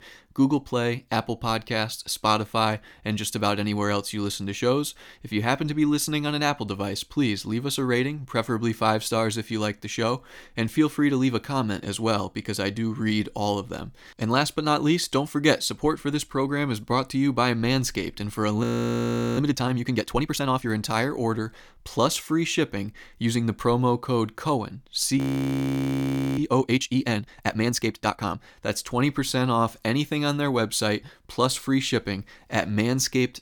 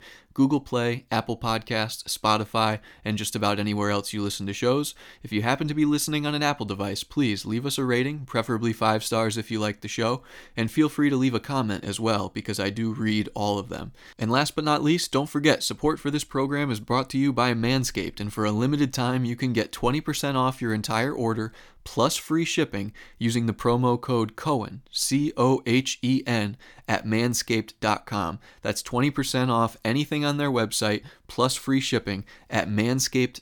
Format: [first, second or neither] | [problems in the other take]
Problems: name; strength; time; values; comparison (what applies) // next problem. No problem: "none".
second | audio freezing; at 19 s for 0.5 s and at 25 s for 1 s